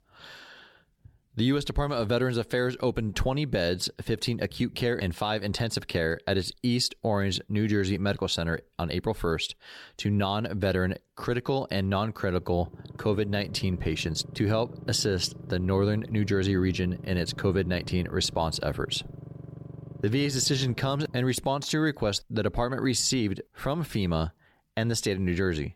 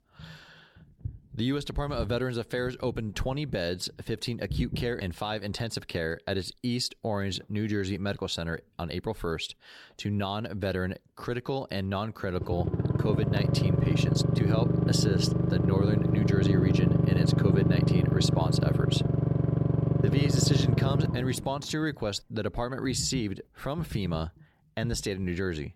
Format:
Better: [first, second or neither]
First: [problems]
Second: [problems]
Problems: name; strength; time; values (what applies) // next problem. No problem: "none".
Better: first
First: low rumble; faint; throughout; 20 dB below the speech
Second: low rumble; loud; throughout; as loud as the speech